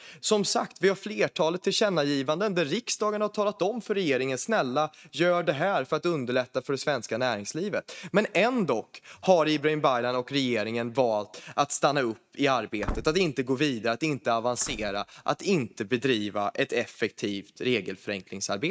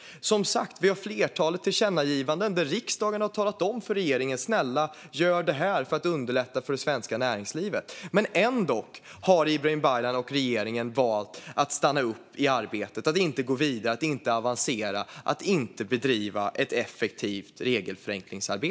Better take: second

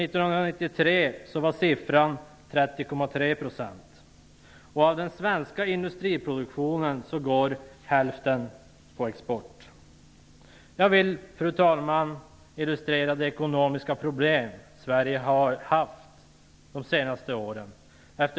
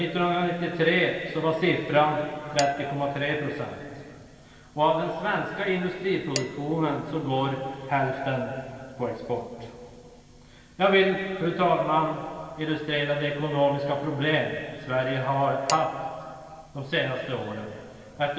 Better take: first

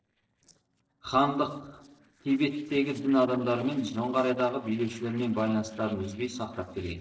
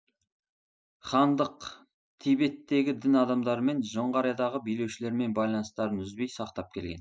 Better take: second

